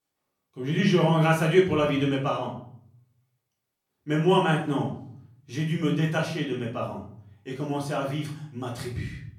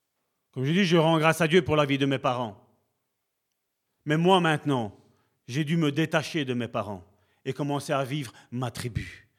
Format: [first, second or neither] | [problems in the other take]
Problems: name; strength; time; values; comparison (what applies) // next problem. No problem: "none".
second | room echo; slight; dies away in 0.5 s // off-mic speech; far